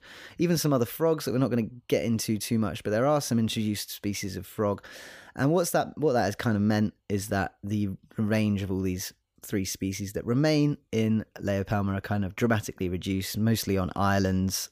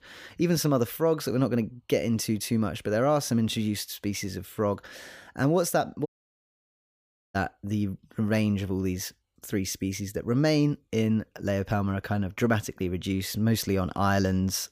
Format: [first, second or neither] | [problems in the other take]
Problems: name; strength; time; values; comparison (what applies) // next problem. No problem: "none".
first | audio cutting out; at 6 s for 1.5 s